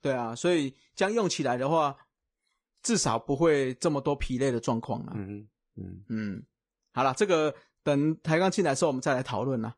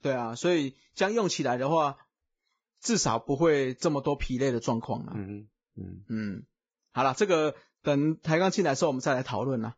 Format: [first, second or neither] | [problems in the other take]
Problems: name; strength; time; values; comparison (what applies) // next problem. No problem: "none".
first | garbled, watery; badly; nothing above 7.5 kHz; slightly in the first